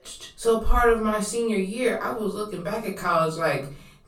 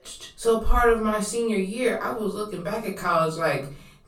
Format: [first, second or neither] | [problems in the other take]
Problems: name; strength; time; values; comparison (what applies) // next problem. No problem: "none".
neither | room echo; slight; dies away in 0.4 s; the same in both // off-mic speech; far; the same in both